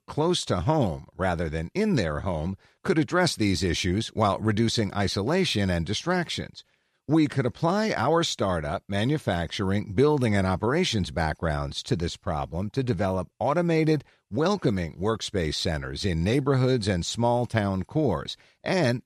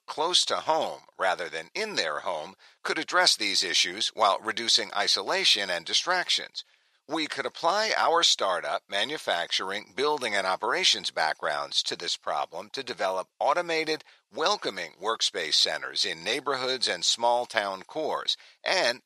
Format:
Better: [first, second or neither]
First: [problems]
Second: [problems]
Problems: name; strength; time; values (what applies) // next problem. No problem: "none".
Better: first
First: none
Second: thin; very; fading below 750 Hz